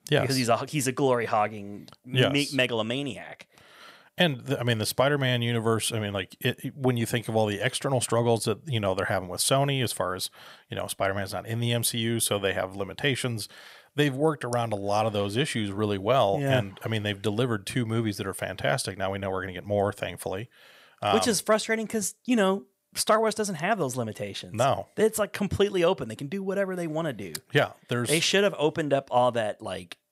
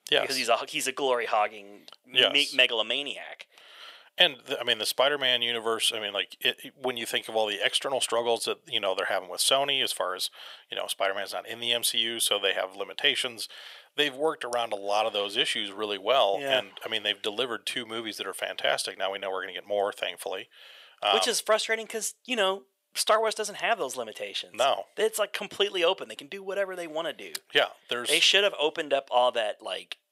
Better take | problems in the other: first | thin; very; fading below 500 Hz

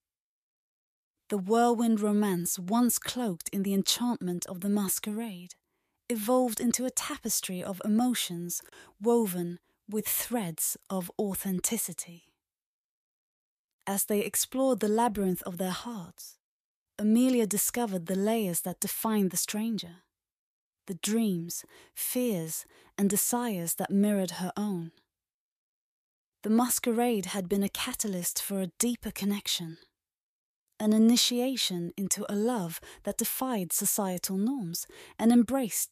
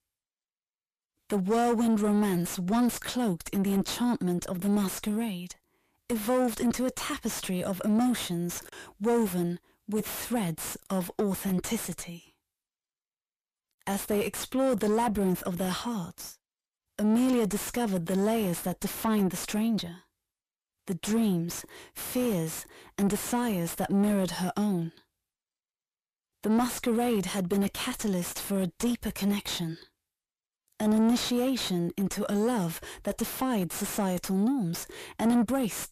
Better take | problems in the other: first | distortion; heavy; 7 dB below the speech

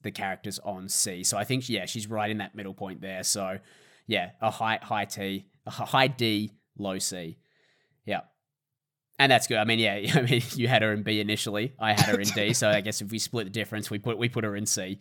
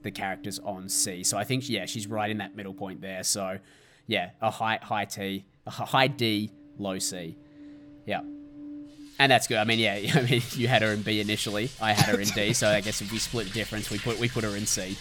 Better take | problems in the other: first | rain or running water; noticeable; throughout; 15 dB below the speech

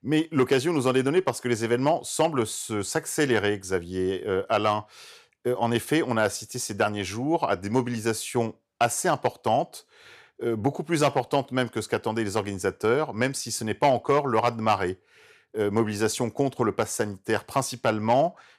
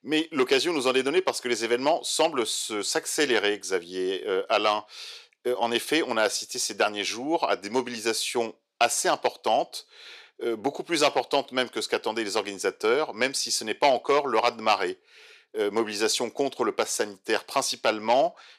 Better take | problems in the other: first | thin; very slightly; fading below 400 Hz

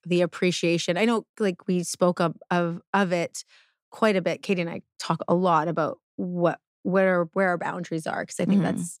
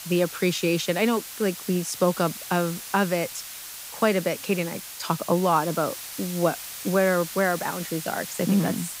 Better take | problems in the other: first | hiss; loud; throughout; 10 dB below the speech

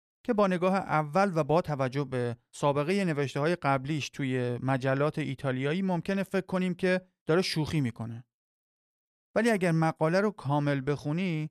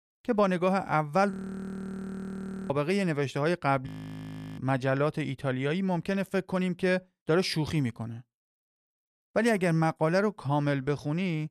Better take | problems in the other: first | audio freezing; at 1.5 s for 1.5 s and at 4 s for 0.5 s

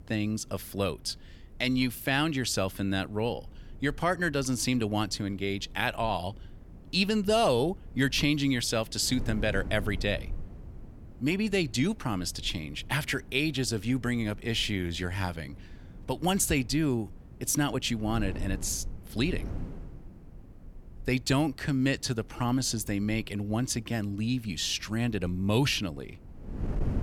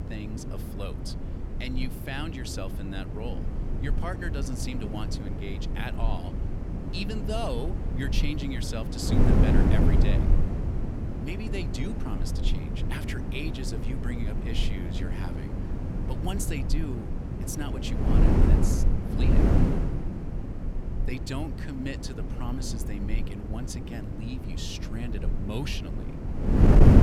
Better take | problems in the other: first | wind noise on the microphone; heavy; 1 dB above the speech; occasional gusts in the first

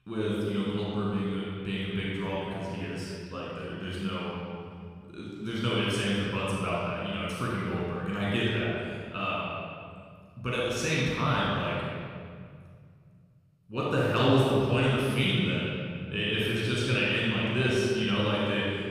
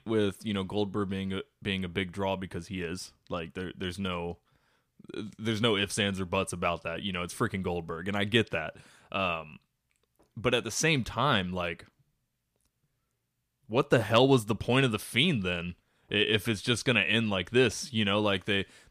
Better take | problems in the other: second | off-mic speech; far // room echo; strong; dies away in 2.1 s

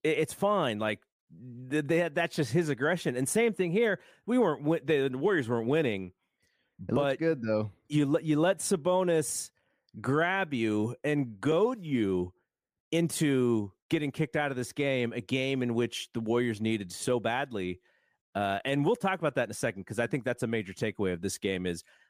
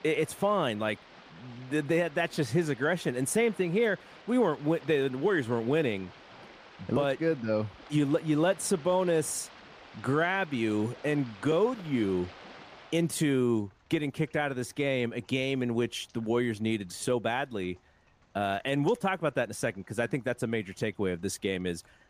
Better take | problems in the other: first | rain or running water; faint; throughout; 20 dB below the speech

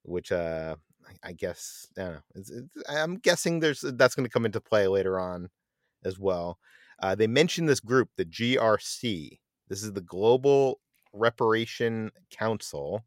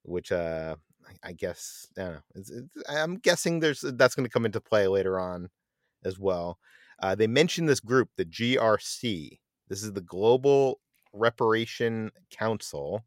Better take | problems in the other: neither | none

